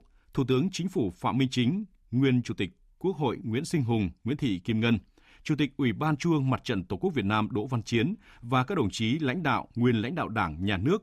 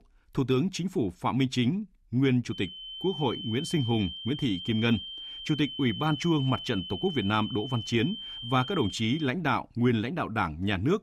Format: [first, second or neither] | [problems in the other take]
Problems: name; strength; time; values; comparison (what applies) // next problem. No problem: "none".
first | high-pitched whine; loud; from 2.5 to 9.5 s; 3 kHz, 9 dB below the speech